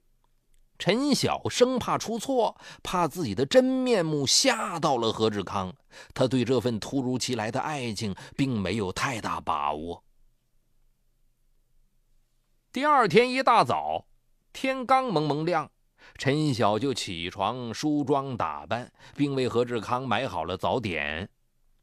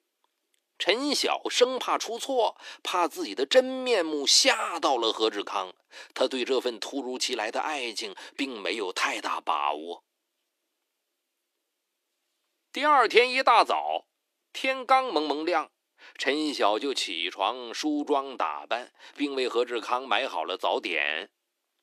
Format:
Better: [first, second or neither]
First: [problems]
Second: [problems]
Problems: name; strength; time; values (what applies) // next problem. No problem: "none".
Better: first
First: none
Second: thin; somewhat; fading below 300 Hz